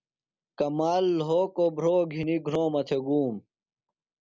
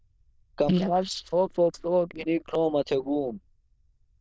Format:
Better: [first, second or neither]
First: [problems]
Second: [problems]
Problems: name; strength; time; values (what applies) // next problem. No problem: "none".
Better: first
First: none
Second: noise reduction (neural diffusion model UNIVERSE++)